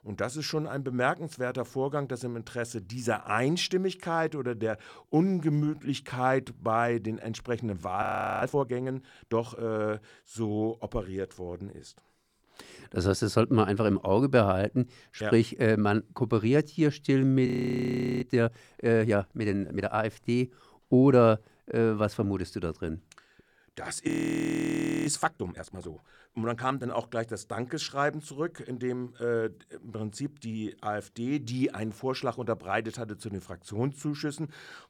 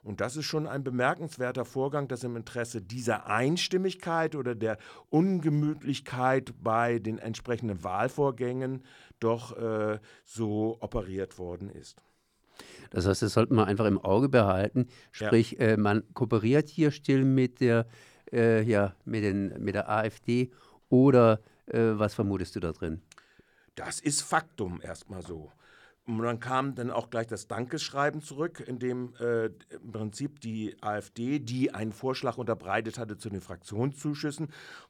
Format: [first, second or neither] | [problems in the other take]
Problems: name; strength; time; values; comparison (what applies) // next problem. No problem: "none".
second | audio freezing; at 8 s, at 17 s for 1 s and at 24 s for 1 s